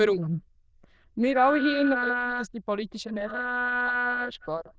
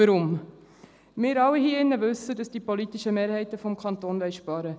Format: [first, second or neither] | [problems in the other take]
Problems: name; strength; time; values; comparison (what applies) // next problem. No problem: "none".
second | noise reduction (neural diffusion model UNIVERSE++)